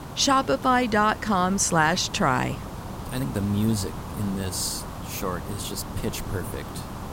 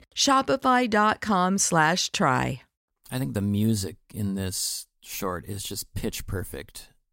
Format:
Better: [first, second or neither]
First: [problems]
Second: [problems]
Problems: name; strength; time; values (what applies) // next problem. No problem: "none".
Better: second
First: hiss; noticeable; throughout; 10 dB below the speech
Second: none